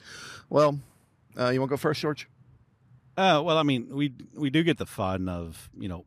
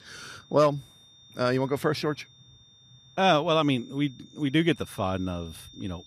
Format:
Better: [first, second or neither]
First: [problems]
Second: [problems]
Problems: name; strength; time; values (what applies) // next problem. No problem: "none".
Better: first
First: none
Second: high-pitched whine; faint; throughout; 3.5 kHz, 25 dB below the speech